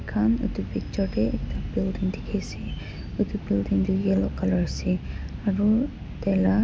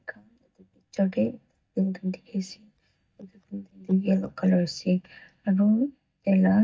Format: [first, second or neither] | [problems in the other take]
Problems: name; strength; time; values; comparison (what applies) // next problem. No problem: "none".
first | noise reduction (neural mask model DeepFilterNet 3)